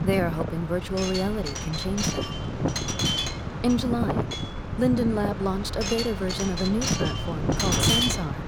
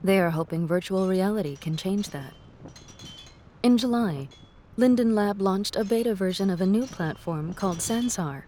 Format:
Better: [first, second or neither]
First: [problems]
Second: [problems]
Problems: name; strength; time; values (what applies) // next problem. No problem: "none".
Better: second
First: wind noise on the microphone; heavy; 2 dB above the speech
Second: wind noise on the microphone; occasional gusts; 20 dB below the speech